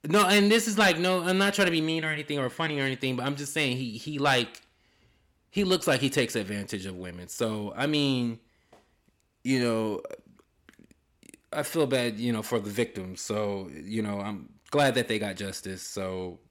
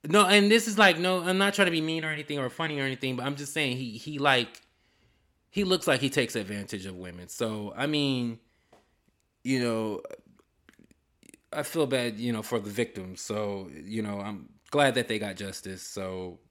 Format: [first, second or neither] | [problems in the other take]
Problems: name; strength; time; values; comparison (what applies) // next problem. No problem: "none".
second | distortion; slight; 10 dB below the speech